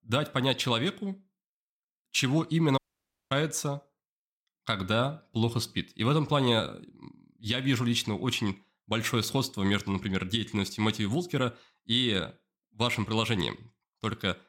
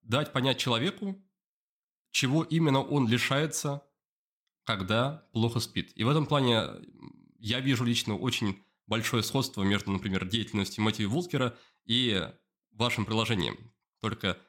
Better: second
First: audio cutting out; at 3 s for 0.5 s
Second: none

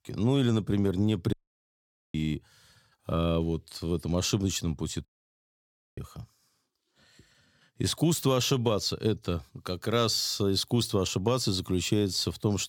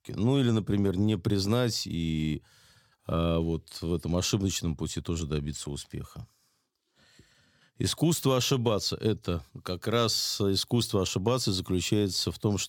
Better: second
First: audio cutting out; at 1.5 s for 1 s and at 5 s for 1 s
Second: none

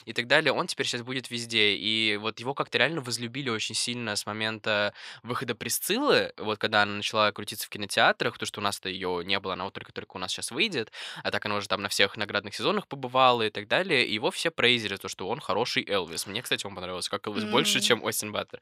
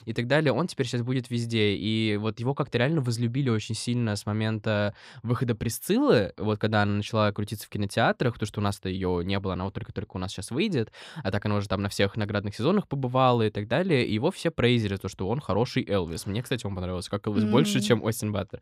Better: second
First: thin; somewhat; fading below 1 kHz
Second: none

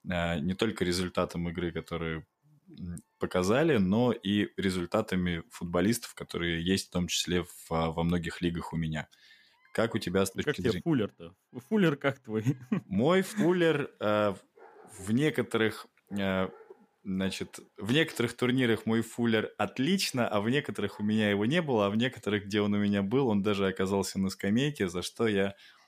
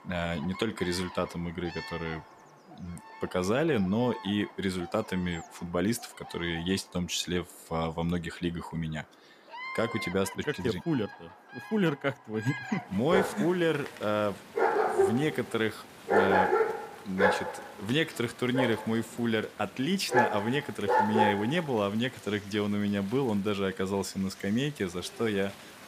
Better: first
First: animal sounds; faint; throughout; 30 dB below the speech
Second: animal sounds; loud; throughout; as loud as the speech

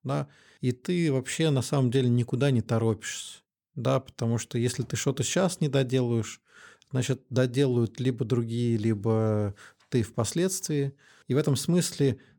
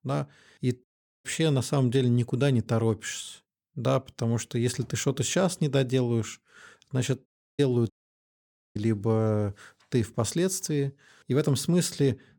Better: first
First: none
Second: audio cutting out; at 1 s, at 7.5 s and at 8 s for 1 s

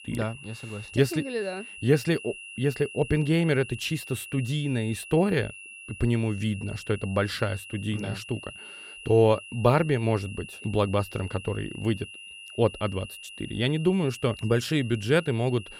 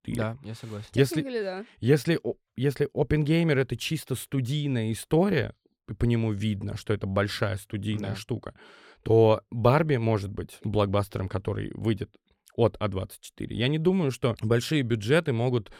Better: second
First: high-pitched whine; noticeable; throughout; 3 kHz, 15 dB below the speech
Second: none

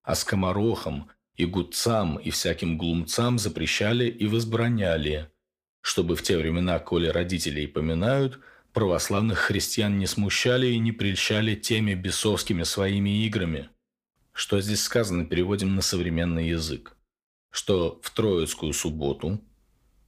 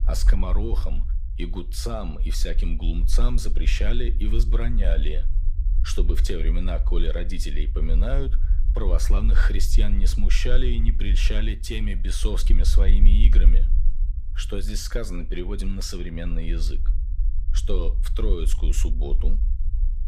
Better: first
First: none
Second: low rumble; noticeable; throughout; 15 dB below the speech

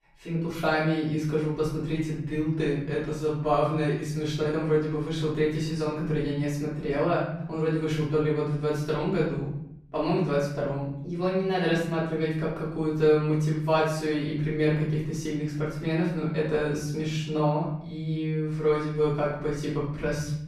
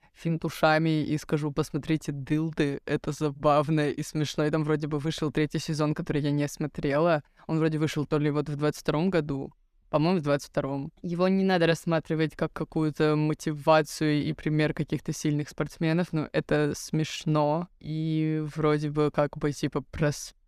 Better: second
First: off-mic speech; far // room echo; noticeable; dies away in 0.8 s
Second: none

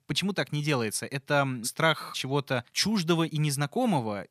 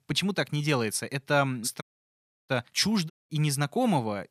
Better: first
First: none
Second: audio cutting out; at 2 s for 0.5 s and at 3 s

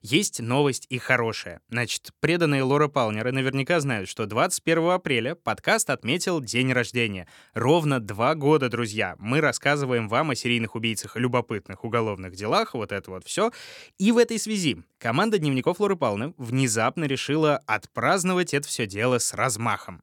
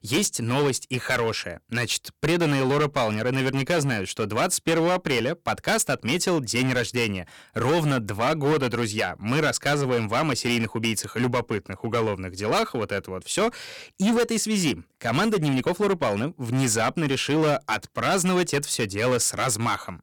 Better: first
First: none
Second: distortion; heavy; 13% of the sound clipped

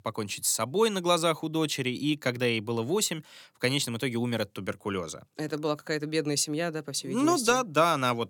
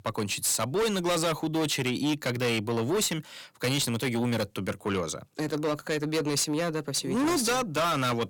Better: first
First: none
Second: distortion; heavy; 6 dB below the speech

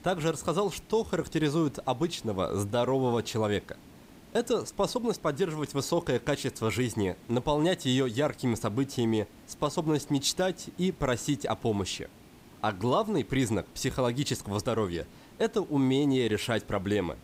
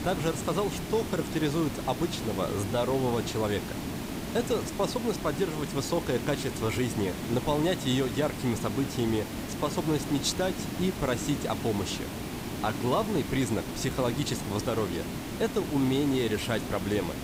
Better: first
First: hiss; faint; throughout; 25 dB below the speech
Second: hiss; loud; throughout; 5 dB below the speech

